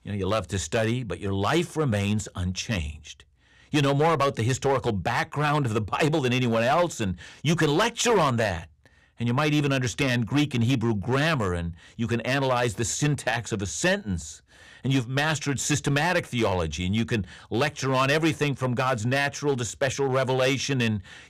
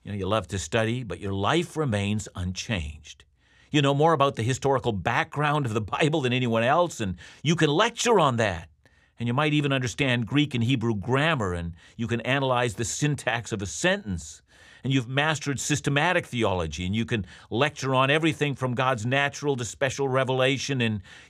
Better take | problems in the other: second | distortion; slight; 5% of the sound clipped

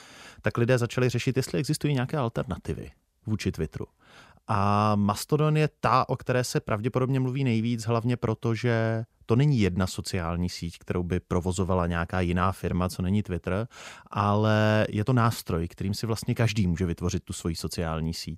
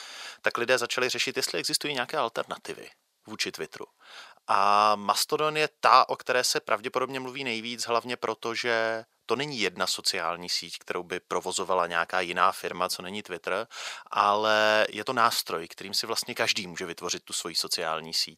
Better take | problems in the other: first | thin; very; fading below 600 Hz

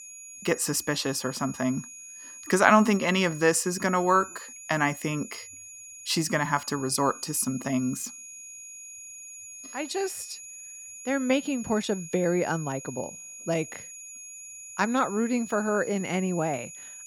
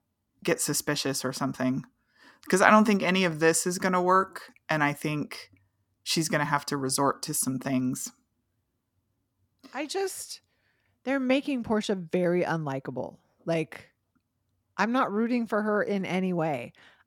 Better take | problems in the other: second | high-pitched whine; noticeable; throughout; 6.5 kHz, 15 dB below the speech

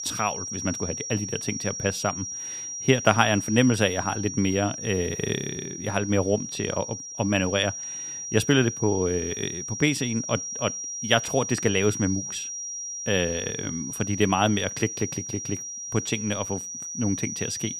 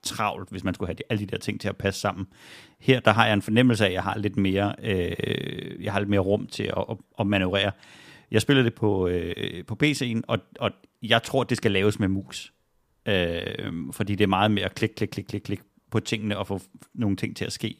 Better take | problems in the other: second | high-pitched whine; loud; throughout; 5.5 kHz, 6 dB below the speech

